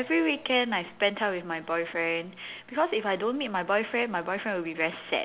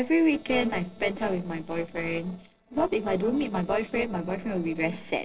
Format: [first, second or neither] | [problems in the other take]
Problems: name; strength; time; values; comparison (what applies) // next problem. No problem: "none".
first | noise reduction (neural separator model SepFormer DNS4)